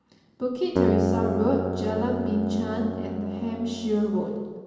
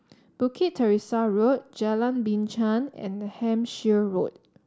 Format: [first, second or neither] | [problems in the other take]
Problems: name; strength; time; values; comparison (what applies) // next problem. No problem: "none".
second | background sound (Keyboard (musical)); 2 dB below the speech // room echo; dies away in 1.3 s